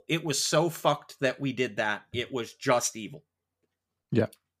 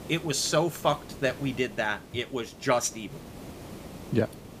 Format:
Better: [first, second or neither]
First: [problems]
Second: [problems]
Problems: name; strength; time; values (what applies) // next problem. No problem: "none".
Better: first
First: none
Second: hiss; noticeable; throughout; 15 dB below the speech